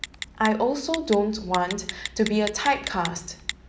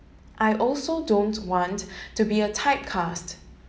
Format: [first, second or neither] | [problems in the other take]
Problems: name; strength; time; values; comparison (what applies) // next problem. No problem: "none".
second | background sound (Telephone); 11 dB below the speech